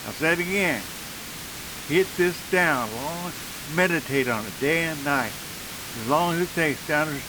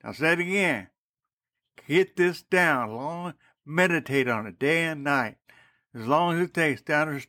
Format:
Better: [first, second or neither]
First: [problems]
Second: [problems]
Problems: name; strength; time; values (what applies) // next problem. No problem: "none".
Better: second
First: hiss; loud; throughout; 10 dB below the speech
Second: none